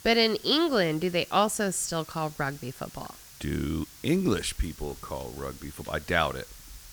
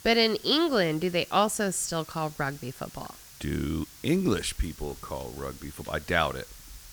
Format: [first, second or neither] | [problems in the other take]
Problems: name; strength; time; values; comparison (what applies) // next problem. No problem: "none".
neither | hiss; noticeable; throughout; 20 dB below the speech; the same in both